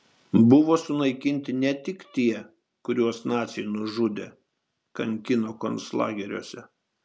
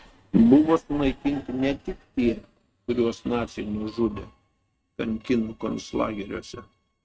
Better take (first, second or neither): first